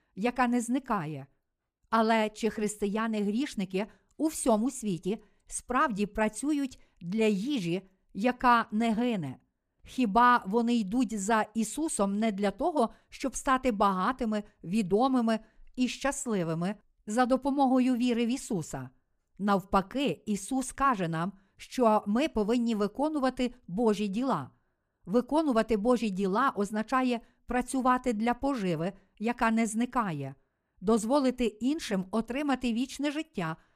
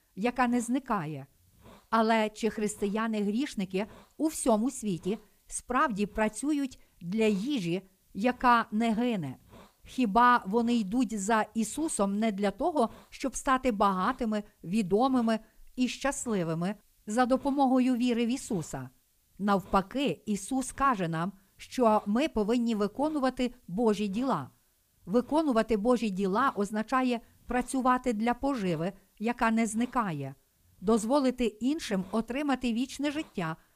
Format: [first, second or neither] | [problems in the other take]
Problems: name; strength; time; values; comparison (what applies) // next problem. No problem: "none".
first | hiss; faint; throughout; 30 dB below the speech